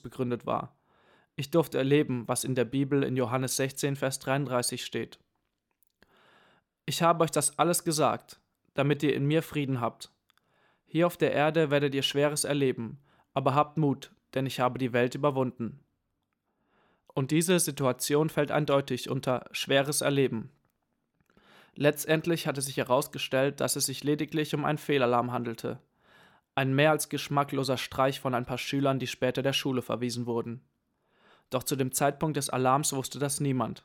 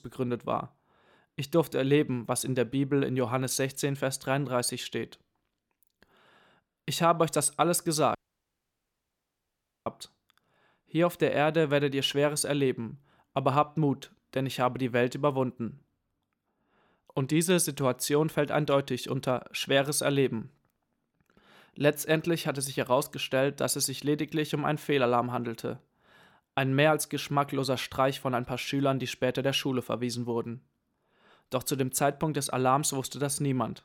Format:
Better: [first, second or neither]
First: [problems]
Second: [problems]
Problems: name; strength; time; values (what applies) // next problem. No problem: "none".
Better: first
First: none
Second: audio cutting out; at 8 s for 1.5 s